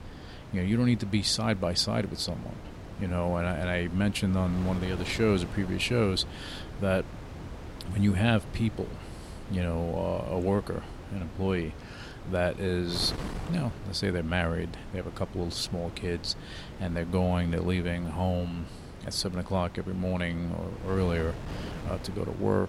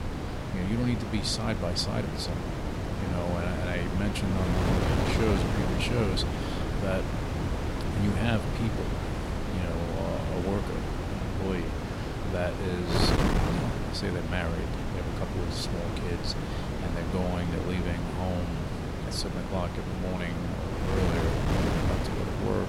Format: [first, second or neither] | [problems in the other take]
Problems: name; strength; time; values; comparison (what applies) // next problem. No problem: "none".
first | wind noise on the microphone; heavy; as loud as the speech; occasional gusts in the first